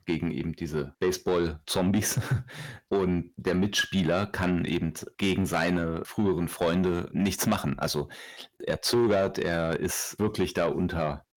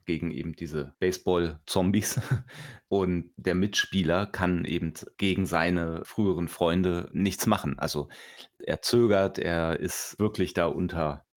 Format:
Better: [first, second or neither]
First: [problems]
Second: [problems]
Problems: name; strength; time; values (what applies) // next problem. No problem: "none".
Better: second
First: distortion; slight; 10 dB below the speech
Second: none